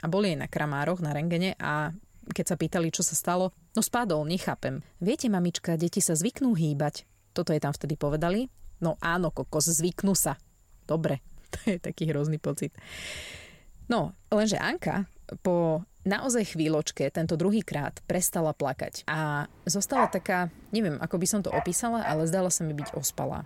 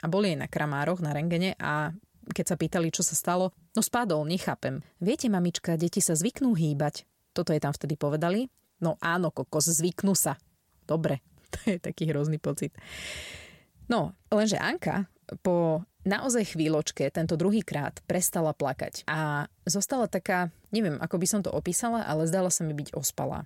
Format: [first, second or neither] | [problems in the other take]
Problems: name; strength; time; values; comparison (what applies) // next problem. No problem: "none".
second | animal sounds; loud; throughout; 8 dB below the speech